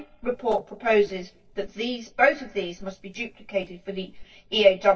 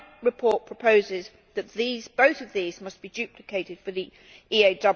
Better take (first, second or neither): second